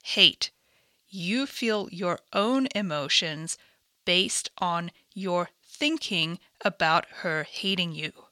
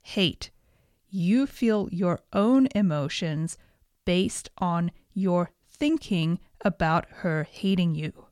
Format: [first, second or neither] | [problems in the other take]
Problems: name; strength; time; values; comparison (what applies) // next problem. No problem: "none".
second | thin; somewhat; fading below 600 Hz